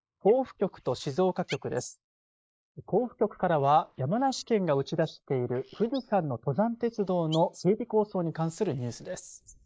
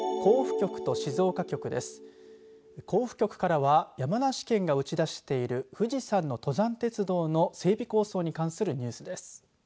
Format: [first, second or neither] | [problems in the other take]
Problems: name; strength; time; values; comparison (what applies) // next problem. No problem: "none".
second | noise reduction (neural mask model Resemble Enhance denoiser)